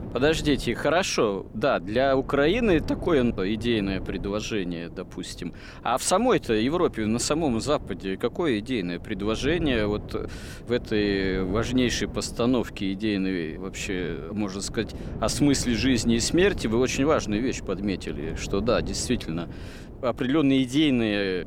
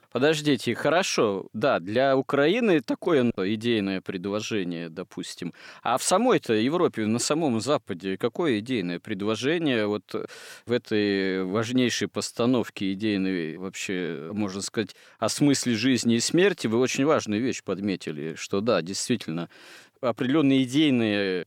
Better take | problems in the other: second | wind noise on the microphone; occasional gusts; 20 dB below the speech

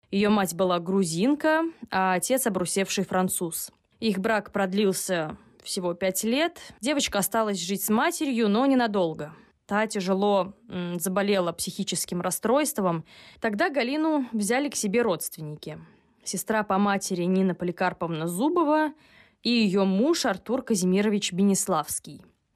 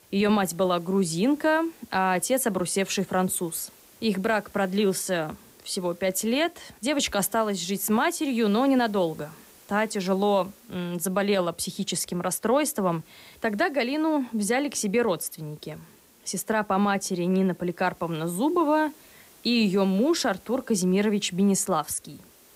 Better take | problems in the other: first | hiss; faint; throughout; 25 dB below the speech

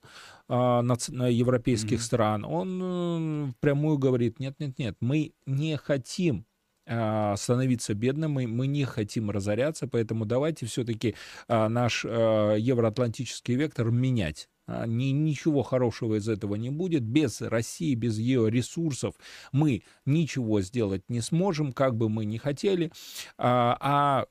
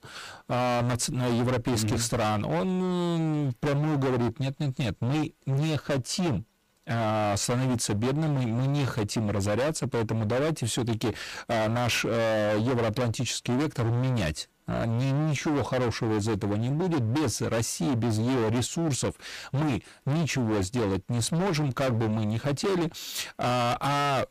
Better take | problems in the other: first | distortion; heavy; 34% of the sound clipped

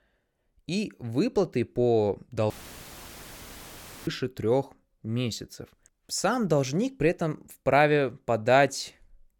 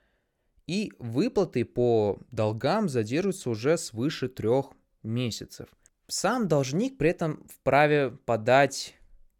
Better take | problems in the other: second | audio cutting out; filled with static; at 2.5 s for 1.5 s

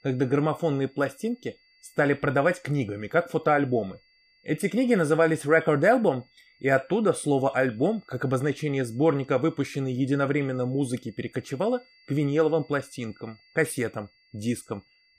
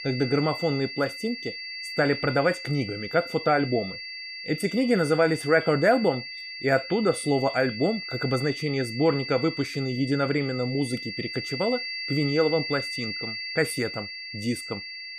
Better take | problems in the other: first | high-pitched whine; loud; throughout; 2 kHz, 8 dB below the speech; faint in the first

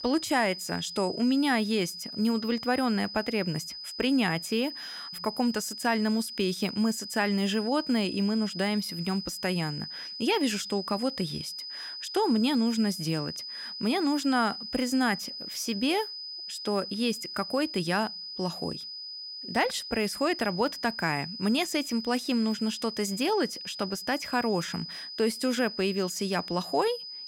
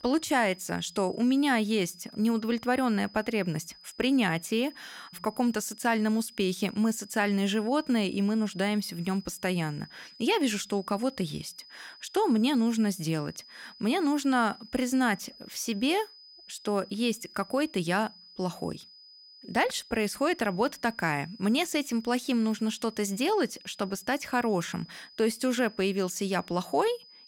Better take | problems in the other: second | high-pitched whine; loud; throughout; 5 kHz, 8 dB below the speech; faint in the second

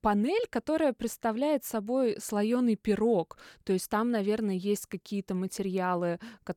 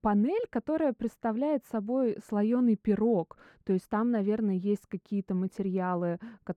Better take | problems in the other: first | muffled; very; fading above 3 kHz

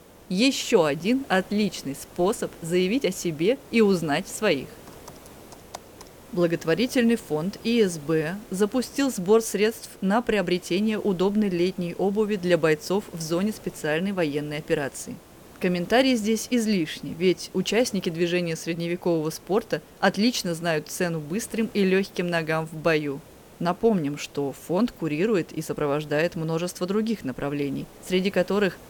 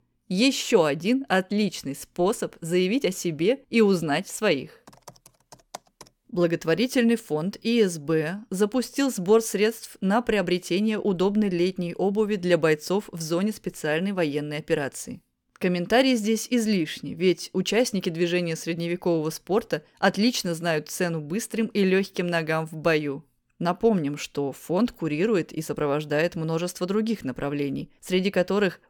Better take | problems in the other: second | hiss; faint; throughout; 20 dB below the speech

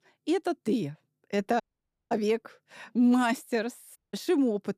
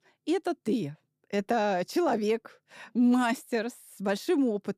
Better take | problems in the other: second | audio cutting out; at 1.5 s for 0.5 s and at 4 s

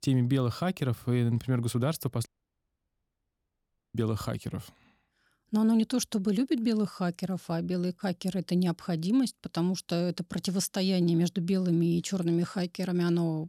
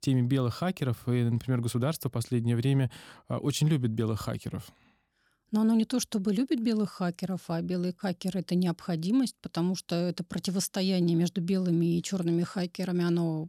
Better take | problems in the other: second | audio cutting out; at 2.5 s for 1.5 s

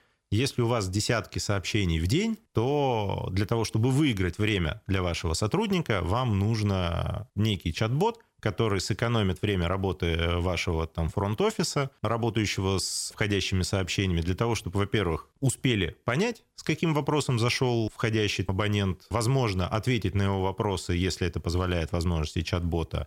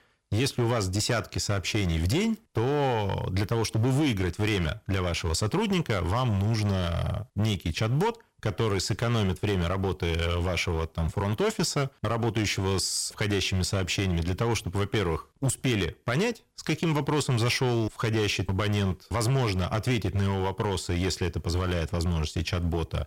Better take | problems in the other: first | distortion; slight; 10% of the sound clipped

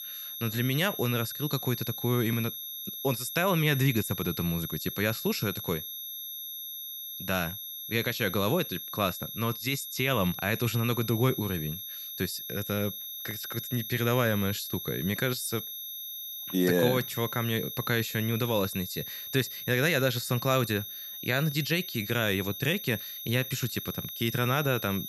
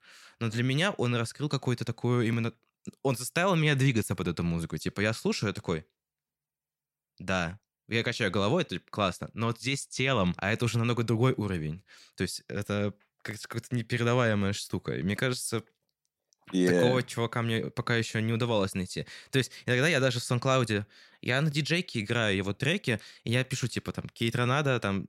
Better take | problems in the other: second | high-pitched whine; loud; throughout; 11.5 kHz, 7 dB below the speech

